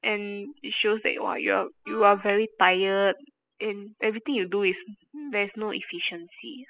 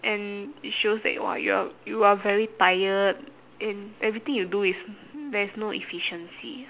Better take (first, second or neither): second